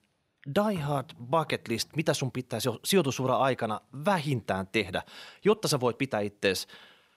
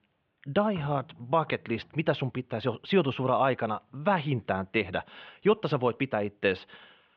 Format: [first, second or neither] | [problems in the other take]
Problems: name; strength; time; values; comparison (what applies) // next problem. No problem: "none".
first | muffled; very; fading above 3 kHz